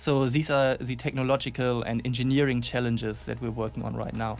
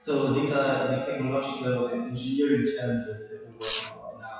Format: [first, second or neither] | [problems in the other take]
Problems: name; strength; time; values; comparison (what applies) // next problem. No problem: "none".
first | noise reduction (classical method WPE with log-MMSE)